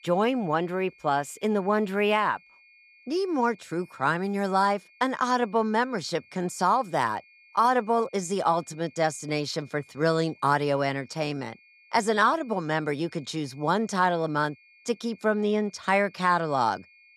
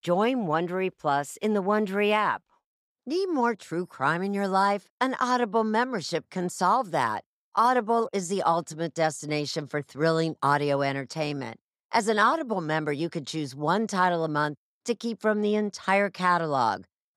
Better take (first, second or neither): second